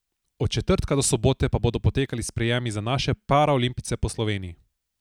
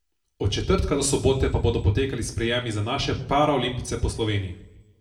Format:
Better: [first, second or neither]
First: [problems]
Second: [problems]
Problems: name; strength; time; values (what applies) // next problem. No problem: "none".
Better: first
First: none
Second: room echo; dies away in 0.6 s